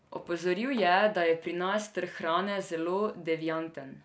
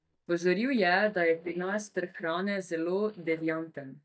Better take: first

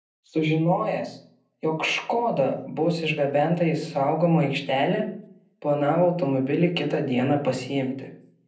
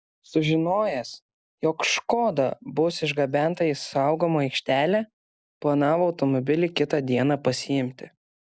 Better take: second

